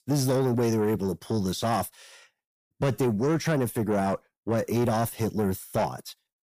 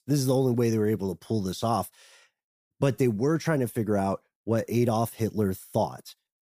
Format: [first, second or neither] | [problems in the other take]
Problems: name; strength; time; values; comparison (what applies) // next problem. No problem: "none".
second | distortion; slight; 10 dB below the speech